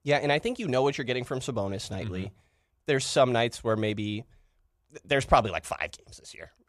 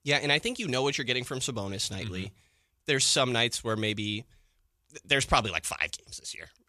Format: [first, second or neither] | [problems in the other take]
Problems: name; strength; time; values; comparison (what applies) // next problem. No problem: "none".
second | muffled; slightly; fading above 2 kHz